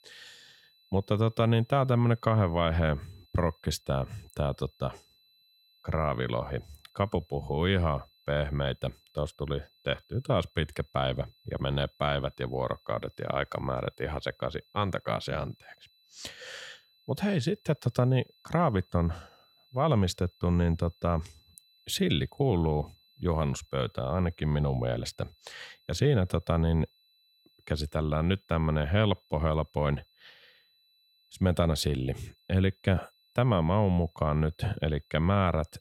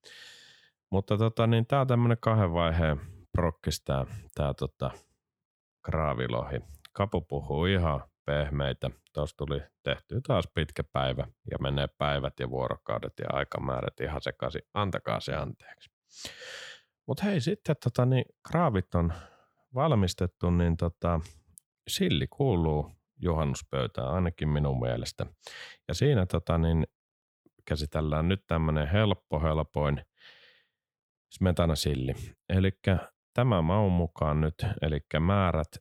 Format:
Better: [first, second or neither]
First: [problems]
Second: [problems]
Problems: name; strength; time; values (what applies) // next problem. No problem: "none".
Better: second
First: high-pitched whine; faint; throughout; 4 kHz, 35 dB below the speech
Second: none